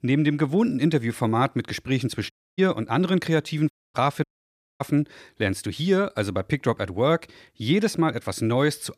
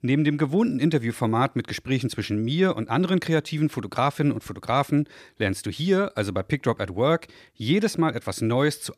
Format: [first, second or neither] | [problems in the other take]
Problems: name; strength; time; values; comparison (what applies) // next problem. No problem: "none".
second | audio cutting out; at 2.5 s, at 3.5 s and at 4 s for 0.5 s